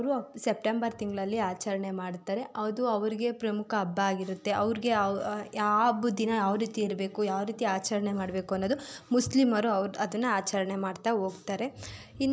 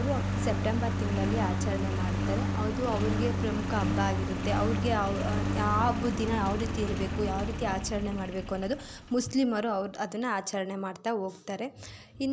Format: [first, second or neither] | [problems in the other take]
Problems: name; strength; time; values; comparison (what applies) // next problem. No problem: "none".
first | background sound (Engine); as loud as the speech